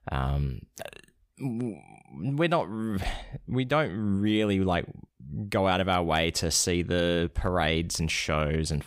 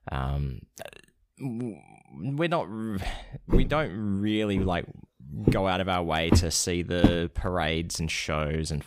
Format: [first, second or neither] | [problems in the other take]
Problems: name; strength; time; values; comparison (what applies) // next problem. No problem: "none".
first | footsteps; loud; from 3.5 to 7 s; peak 3 dB above the speech